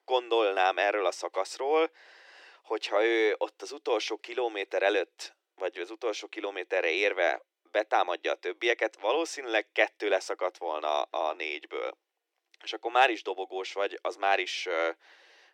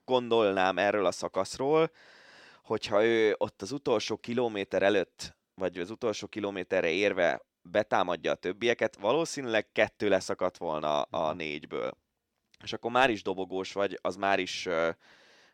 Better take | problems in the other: second | thin; very; fading below 350 Hz

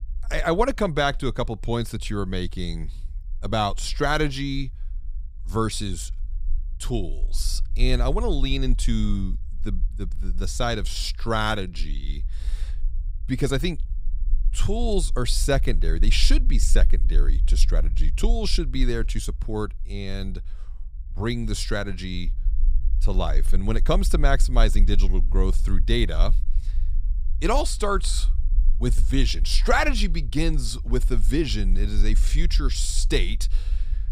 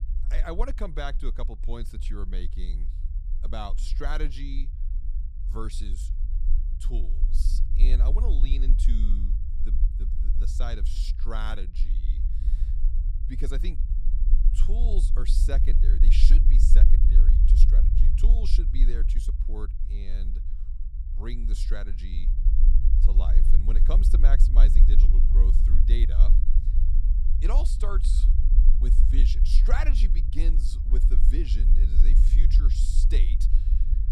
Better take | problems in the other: first | low rumble; loud; throughout; 7 dB below the speech; faint in the first

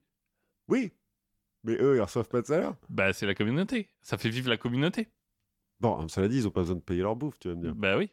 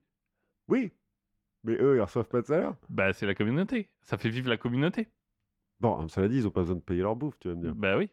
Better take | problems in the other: first | muffled; slightly; fading above 3.5 kHz

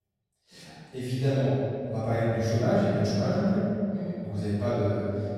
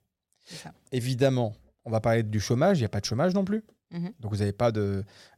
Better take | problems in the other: second | room echo; strong; dies away in 2.4 s // off-mic speech; far

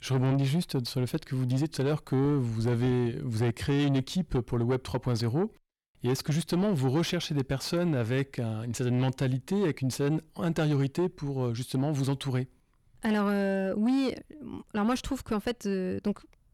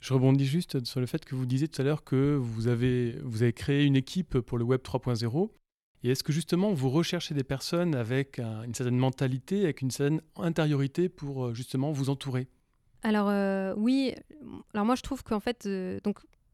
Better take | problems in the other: second | distortion; slight; 10 dB below the speech

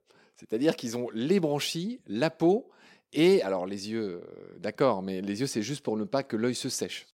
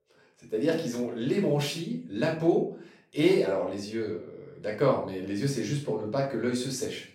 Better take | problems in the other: first | room echo; noticeable; dies away in 0.4 s // off-mic speech; far

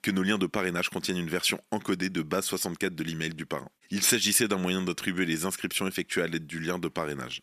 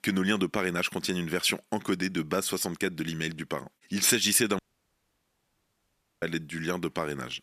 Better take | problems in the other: first | audio cutting out; at 4.5 s for 1.5 s

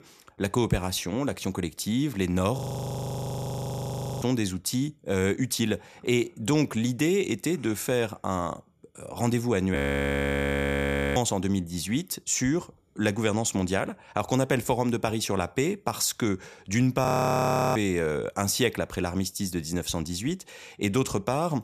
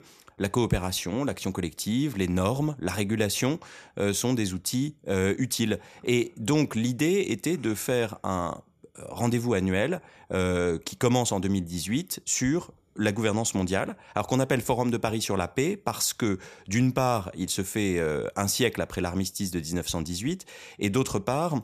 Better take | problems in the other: second | audio freezing; at 2.5 s for 1.5 s, at 10 s for 1.5 s and at 17 s for 0.5 s

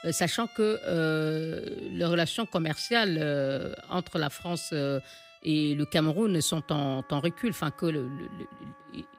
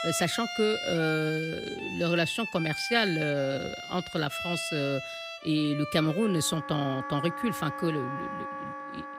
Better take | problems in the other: first | background music; loud; throughout; 6 dB below the speech; faint in the first

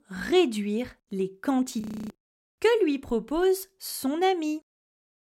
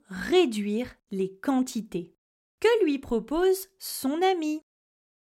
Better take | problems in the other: second | audio freezing; at 2 s

